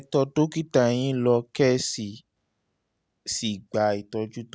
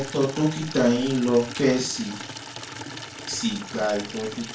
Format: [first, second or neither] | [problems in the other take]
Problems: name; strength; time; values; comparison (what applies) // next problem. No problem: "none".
first | background sound (Water tap, faucet / Liquid); 12 dB below the speech // room echo; dies away in 0.3 s